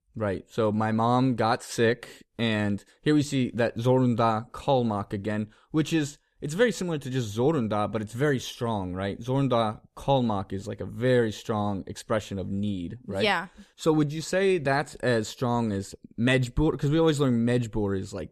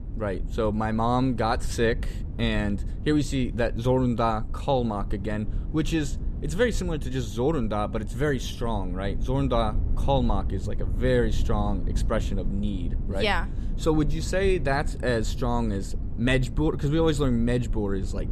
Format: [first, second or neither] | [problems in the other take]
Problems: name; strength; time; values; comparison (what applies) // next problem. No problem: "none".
first | low rumble; noticeable; throughout; 20 dB below the speech